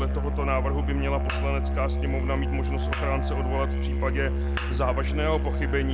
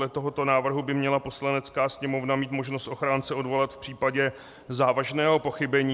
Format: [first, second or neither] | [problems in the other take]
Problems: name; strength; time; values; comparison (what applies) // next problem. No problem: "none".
second | background sound (Musical instrument); 5 dB above the speech